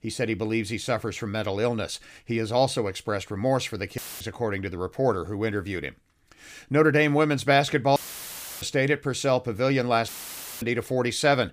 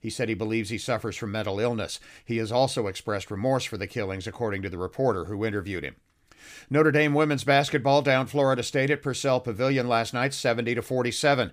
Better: second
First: audio cutting out; filled with static; at 4 s, at 8 s for 0.5 s and at 10 s for 0.5 s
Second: none

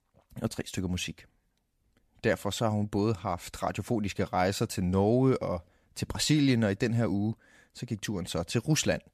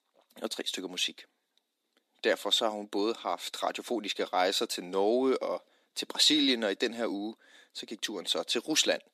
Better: first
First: none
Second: thin; somewhat; fading below 300 Hz

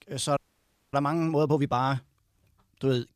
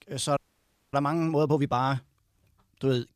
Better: neither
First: audio freezing; at 0.5 s for 0.5 s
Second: audio freezing; at 0.5 s for 0.5 s

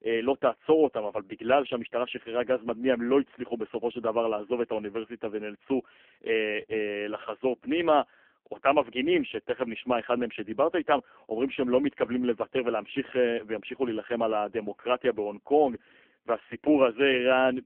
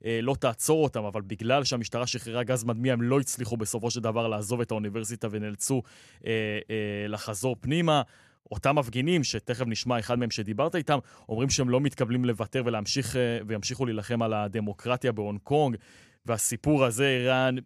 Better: second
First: phone-call audio; poor line; nothing above 3 kHz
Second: none

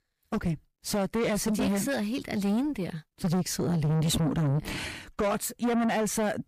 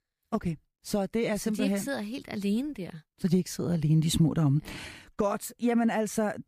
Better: second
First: distortion; heavy; 7 dB below the speech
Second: none

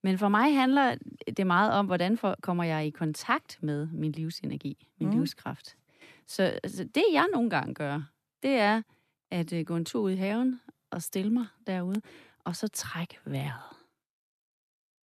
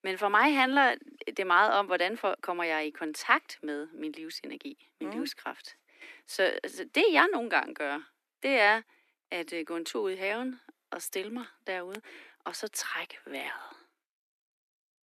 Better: first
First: none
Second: thin; somewhat; fading below 300 Hz

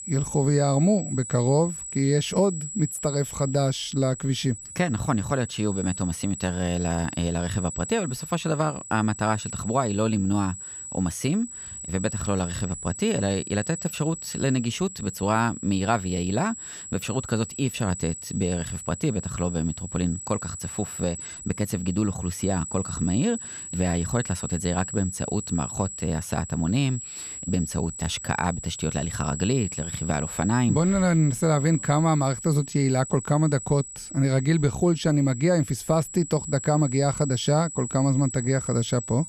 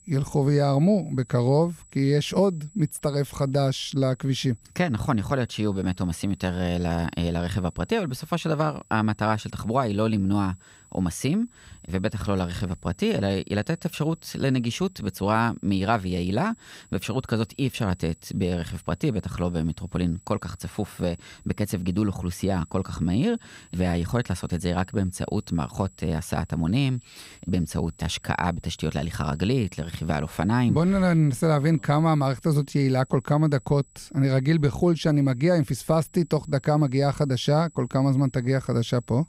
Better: second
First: high-pitched whine; loud; throughout; 7.5 kHz, 9 dB below the speech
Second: high-pitched whine; faint; throughout; 7.5 kHz, 30 dB below the speech

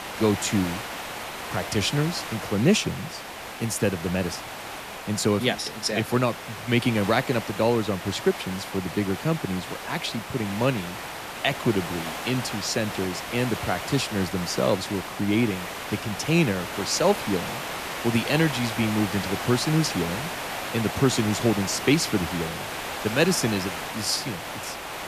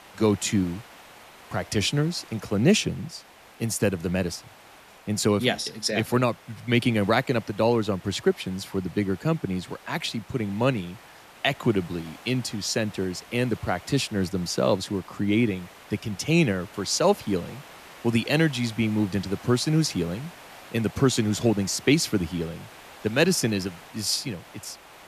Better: second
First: hiss; loud; throughout; 7 dB below the speech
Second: hiss; faint; throughout; 20 dB below the speech

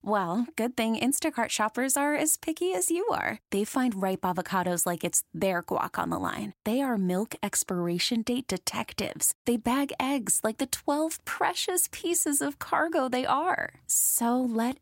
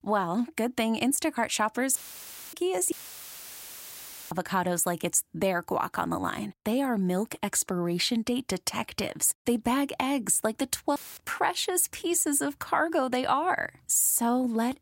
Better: first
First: none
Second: audio cutting out; filled with static; at 2 s for 0.5 s, at 3 s for 1.5 s and at 11 s

